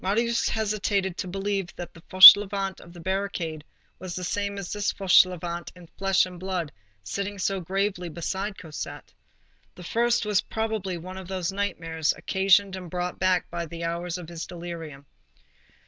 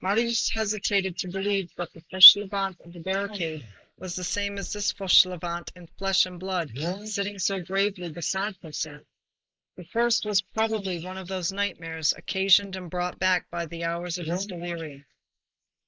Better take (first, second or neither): first